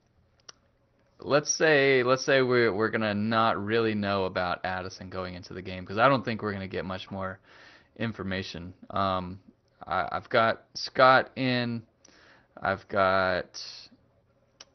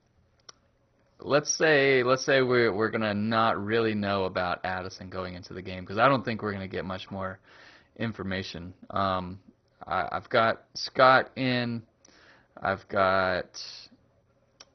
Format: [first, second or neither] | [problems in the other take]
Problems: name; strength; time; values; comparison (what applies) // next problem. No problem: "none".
first | garbled, watery; badly; nothing above 6 kHz; slightly in the first